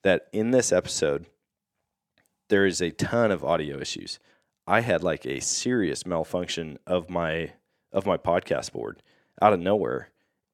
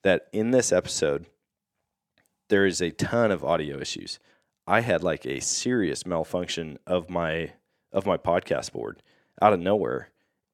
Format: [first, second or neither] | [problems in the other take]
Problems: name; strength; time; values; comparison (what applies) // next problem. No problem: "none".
neither | none